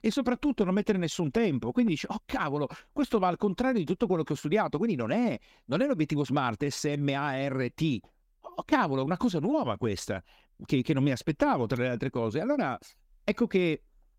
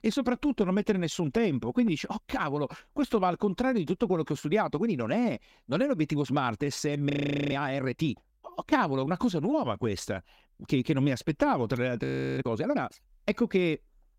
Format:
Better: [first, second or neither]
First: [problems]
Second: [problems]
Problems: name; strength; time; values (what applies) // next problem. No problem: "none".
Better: first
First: none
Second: audio freezing; at 7 s and at 12 s